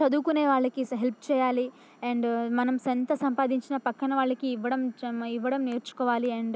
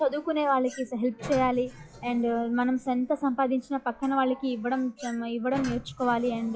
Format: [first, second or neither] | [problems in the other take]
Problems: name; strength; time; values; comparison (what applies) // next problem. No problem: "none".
first | noise reduction (classical method log-MMSE)